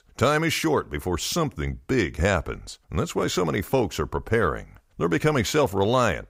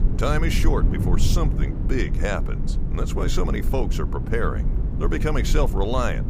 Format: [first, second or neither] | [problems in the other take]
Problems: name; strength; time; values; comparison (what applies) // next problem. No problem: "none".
first | low rumble; loud; throughout; 9 dB below the speech